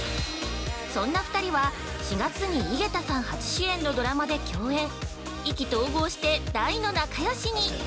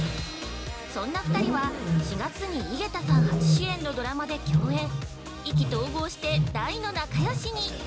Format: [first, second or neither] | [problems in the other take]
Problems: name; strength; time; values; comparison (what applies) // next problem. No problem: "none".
first | background sound (Wild animals); 3 dB above the speech